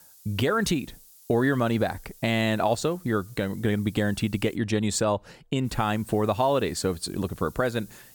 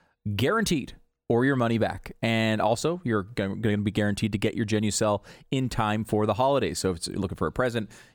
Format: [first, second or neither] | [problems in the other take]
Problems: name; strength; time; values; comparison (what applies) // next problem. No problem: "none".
second | hiss; faint; until 4.5 s and from 5.5 s on; 25 dB below the speech